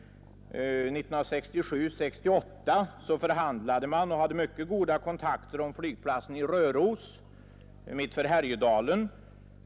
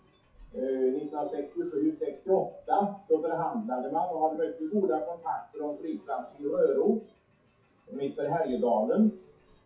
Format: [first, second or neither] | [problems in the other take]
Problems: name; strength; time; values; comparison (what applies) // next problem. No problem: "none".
first | noise reduction (classical method WPE with log-MMSE)